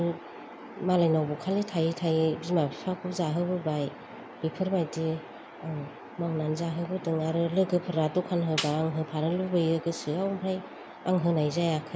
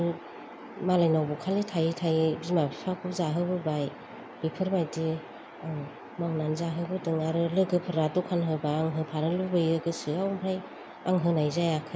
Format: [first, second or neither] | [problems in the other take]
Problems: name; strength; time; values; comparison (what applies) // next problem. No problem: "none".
second | background sound (Snare drum); 11 dB below the speech